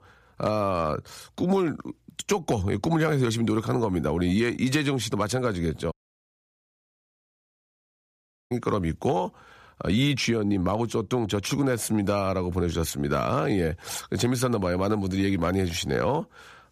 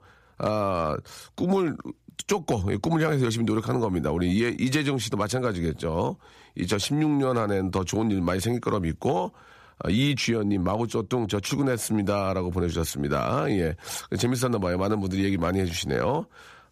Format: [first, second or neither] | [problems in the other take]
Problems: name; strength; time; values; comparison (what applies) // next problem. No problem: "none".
second | audio cutting out; at 6 s for 2.5 s